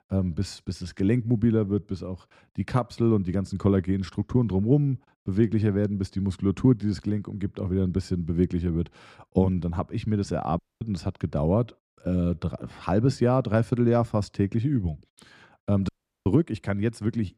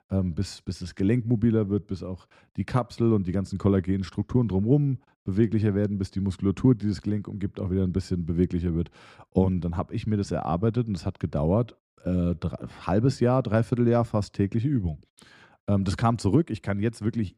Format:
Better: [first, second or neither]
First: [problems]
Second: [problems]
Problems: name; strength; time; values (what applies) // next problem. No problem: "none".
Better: second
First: audio cutting out; at 11 s and at 16 s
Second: none